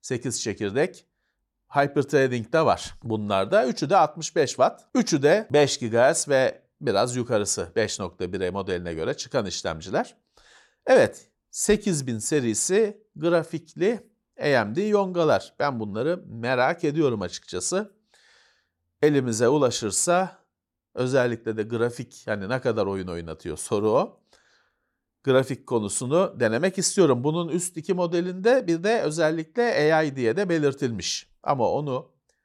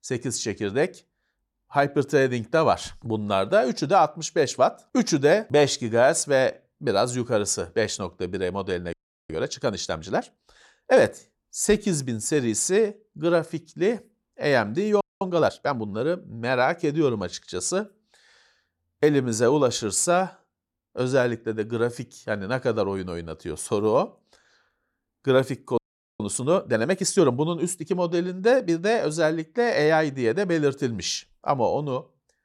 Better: first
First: none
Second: audio freezing; at 9 s, at 15 s and at 26 s

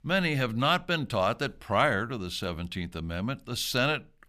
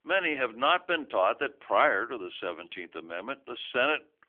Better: first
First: none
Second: phone-call audio; nothing above 3.5 kHz

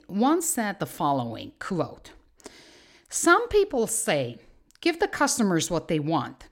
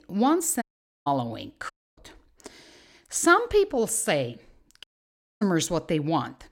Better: first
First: none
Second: audio cutting out; at 0.5 s, at 1.5 s and at 5 s for 0.5 s

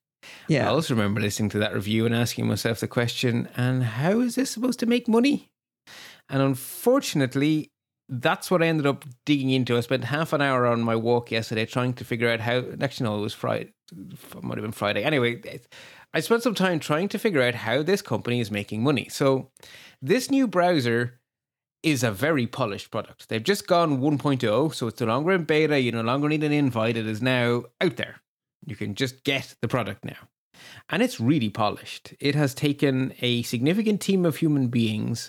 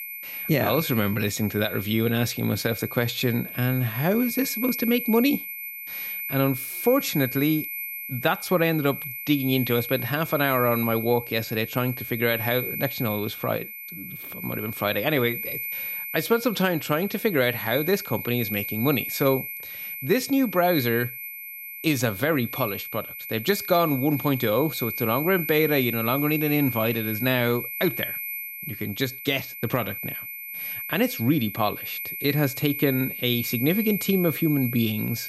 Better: first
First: none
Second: high-pitched whine; loud; throughout; 12 kHz, 6 dB below the speech

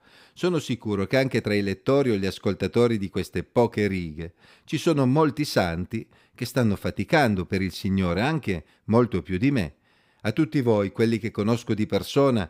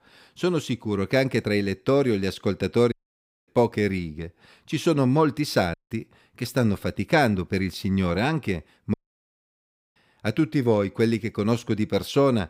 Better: first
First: none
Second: audio cutting out; at 3 s for 0.5 s, at 5.5 s and at 9 s for 1 s

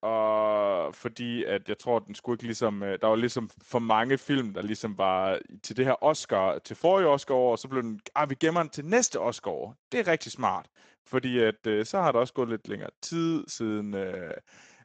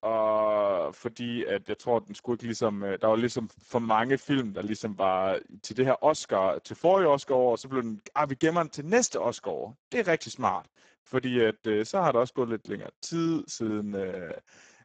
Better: first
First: garbled, watery; slightly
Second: garbled, watery; badly; nothing above 7.5 kHz

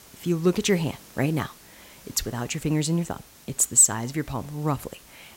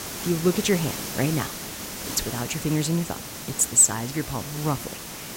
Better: first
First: hiss; faint; throughout; 25 dB below the speech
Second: hiss; loud; throughout; 8 dB below the speech

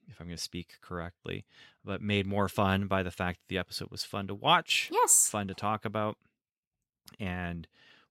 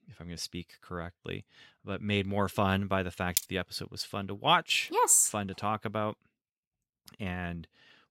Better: first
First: none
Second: clattering dishes; very faint; at 3.5 s; peak 2 dB below the speech

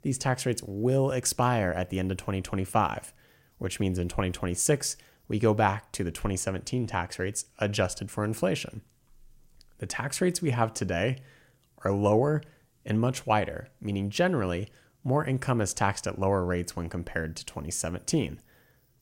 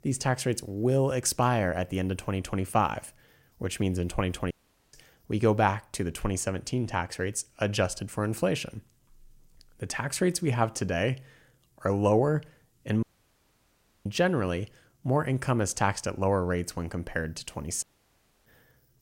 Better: first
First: none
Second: audio cutting out; at 4.5 s, at 13 s for 1 s and at 18 s for 0.5 s

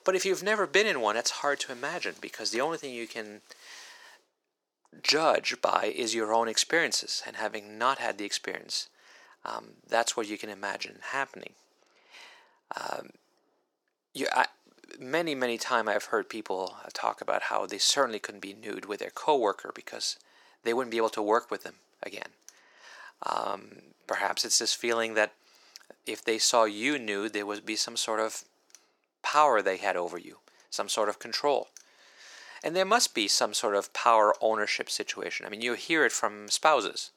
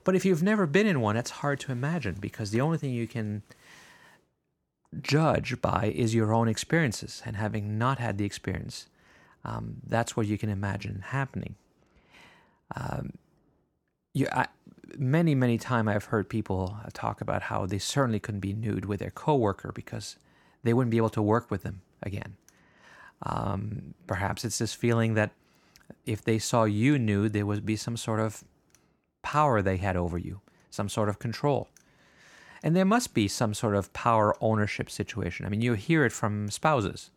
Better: second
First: thin; very; fading below 400 Hz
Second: none

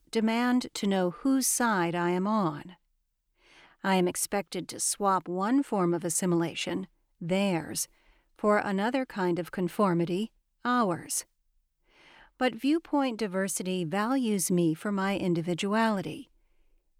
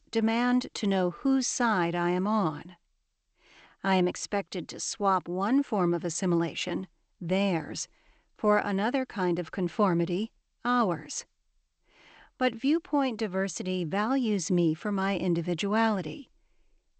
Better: first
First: none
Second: garbled, watery; slightly; nothing above 8 kHz

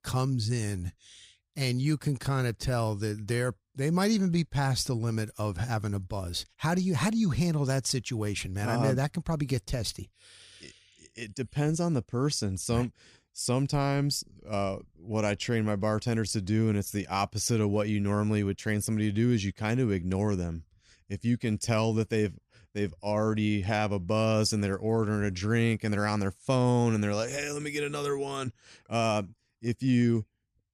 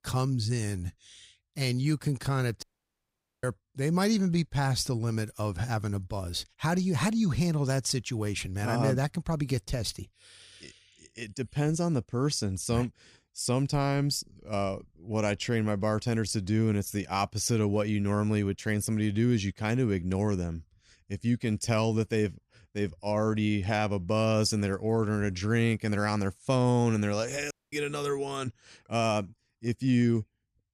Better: first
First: none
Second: audio cutting out; at 2.5 s for 1 s and at 28 s

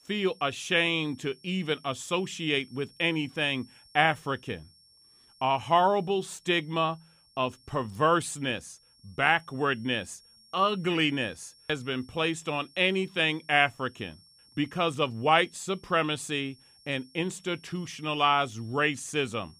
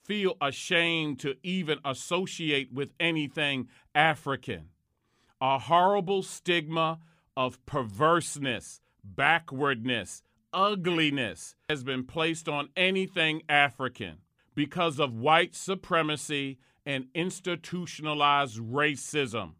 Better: second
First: high-pitched whine; faint; throughout; 5.5 kHz, 30 dB below the speech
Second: none

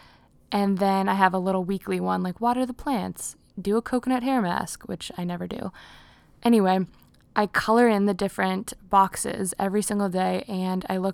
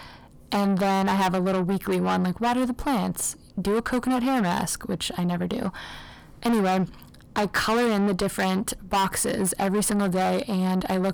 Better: first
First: none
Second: distortion; heavy; 5 dB below the speech

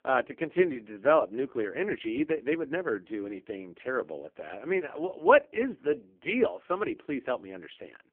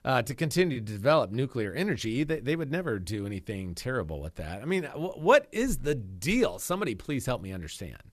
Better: second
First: phone-call audio; poor line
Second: none

